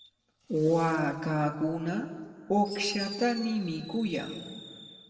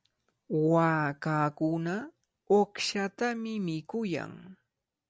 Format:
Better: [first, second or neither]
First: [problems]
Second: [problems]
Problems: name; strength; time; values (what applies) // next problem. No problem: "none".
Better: second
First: background sound (Fireworks); 18 dB below the speech // room echo; dies away in 1.8 s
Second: none